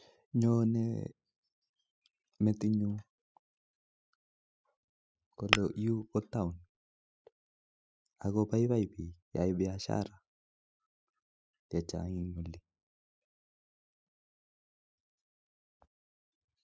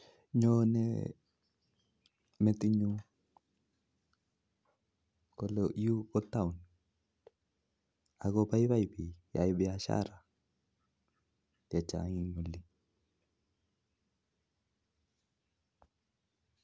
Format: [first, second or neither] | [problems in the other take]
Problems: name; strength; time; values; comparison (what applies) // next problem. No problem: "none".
second | noise reduction (classical method spectral subtraction)